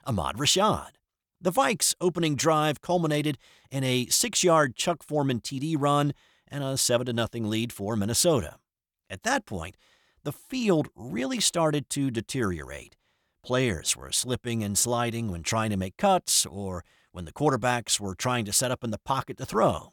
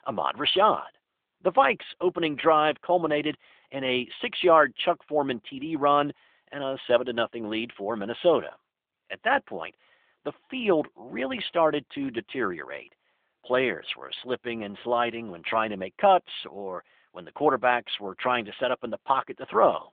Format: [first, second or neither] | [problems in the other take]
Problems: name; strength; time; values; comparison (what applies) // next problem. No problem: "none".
first | phone-call audio